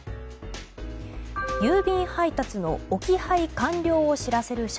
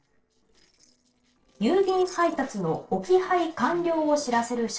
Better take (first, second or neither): first